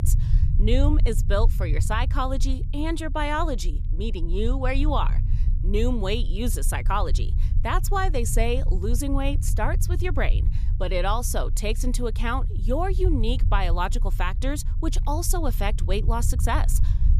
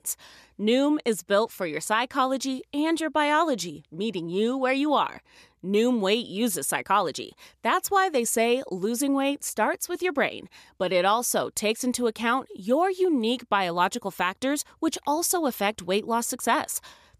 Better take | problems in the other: second | low rumble; noticeable; throughout; 15 dB below the speech

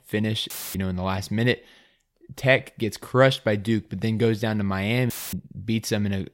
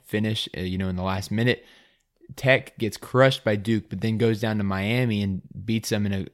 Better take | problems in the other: second | audio cutting out; filled with static; at 0.5 s and at 5 s

